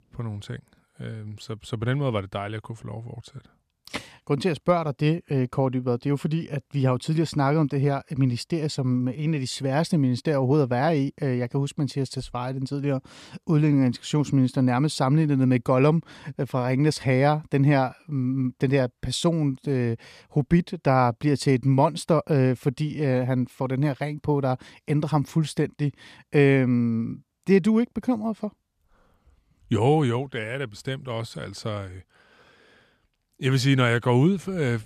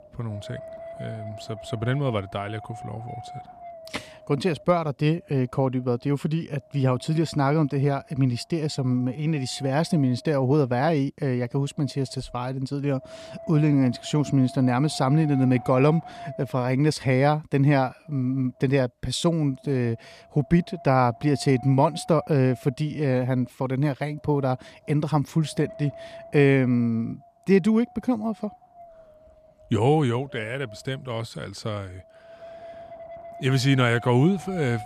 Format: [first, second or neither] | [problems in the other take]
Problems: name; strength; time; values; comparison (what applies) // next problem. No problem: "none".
first | wind noise on the microphone; occasional gusts; 15 dB below the speech